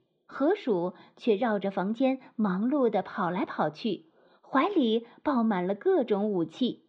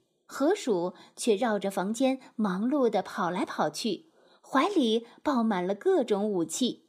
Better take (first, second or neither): second